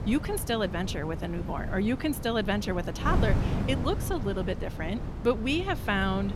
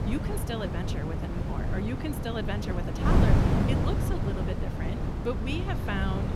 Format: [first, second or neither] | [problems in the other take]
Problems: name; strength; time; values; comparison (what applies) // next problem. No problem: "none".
first | wind noise on the microphone; heavy; 1 dB above the speech; occasional gusts in the first